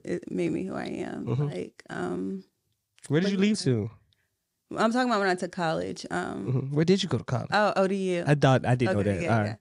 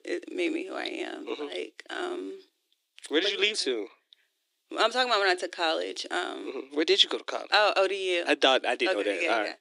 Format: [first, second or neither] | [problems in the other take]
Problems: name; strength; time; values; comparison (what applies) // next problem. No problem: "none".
first | thin; very; fading below 300 Hz